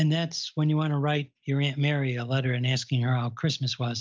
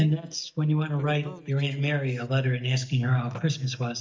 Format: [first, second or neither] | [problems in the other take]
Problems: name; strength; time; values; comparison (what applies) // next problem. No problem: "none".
first | noise reduction (neural mask model DeepFilterNet 3)